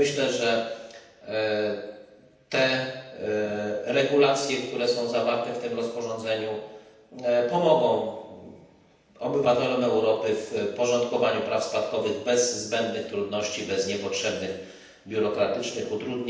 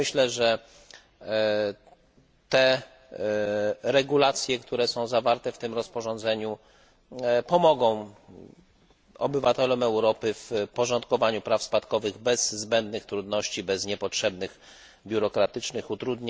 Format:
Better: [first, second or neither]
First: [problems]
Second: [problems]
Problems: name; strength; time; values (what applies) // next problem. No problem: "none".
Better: second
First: room echo; dies away in 0.9 s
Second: none